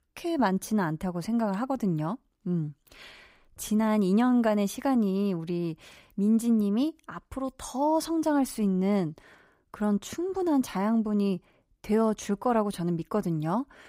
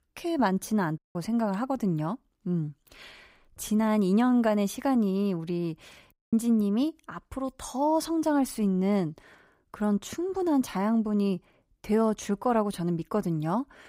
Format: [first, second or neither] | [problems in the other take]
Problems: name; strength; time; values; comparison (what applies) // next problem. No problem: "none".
first | audio cutting out; at 1 s and at 6 s